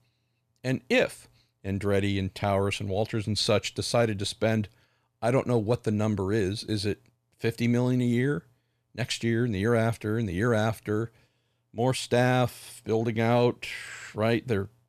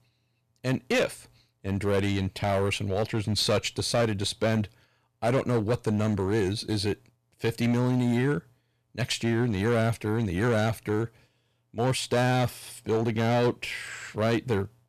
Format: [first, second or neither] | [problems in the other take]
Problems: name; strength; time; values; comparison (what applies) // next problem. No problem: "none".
first | distortion; slight; 8% of the sound clipped